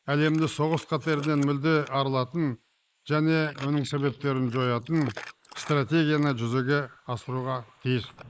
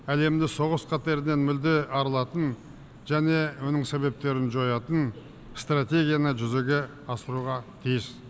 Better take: second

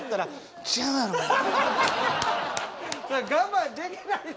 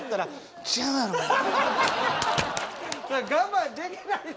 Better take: first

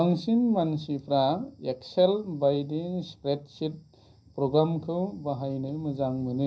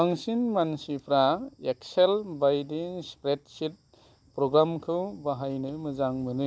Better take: second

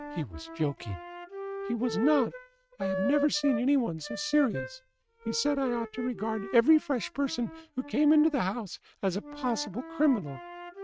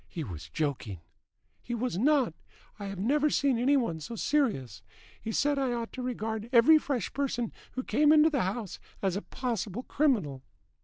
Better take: second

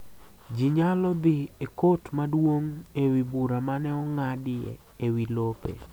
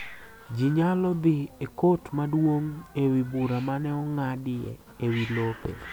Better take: first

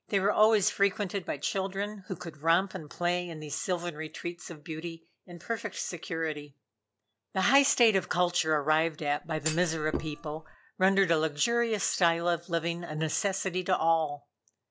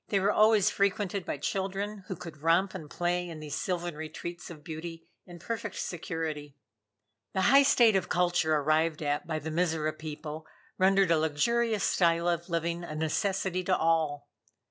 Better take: second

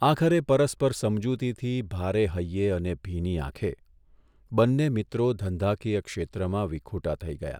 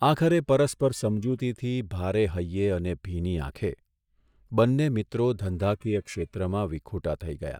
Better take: first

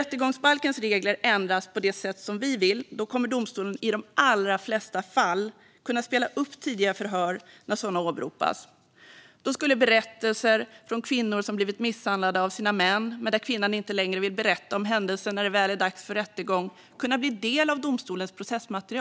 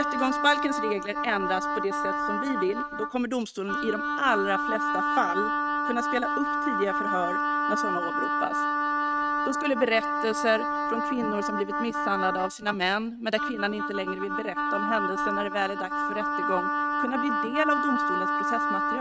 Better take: first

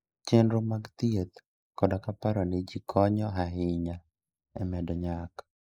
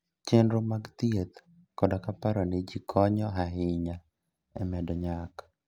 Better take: second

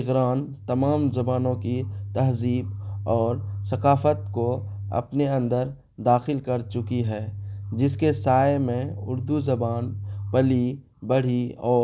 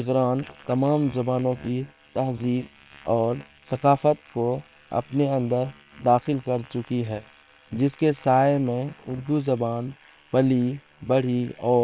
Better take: first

